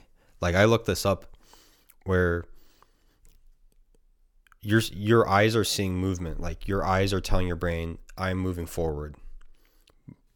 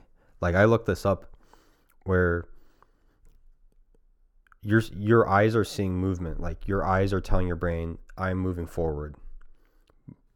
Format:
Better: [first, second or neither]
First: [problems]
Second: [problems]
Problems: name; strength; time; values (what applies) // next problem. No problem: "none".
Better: first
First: none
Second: muffled; slightly; fading above 1.5 kHz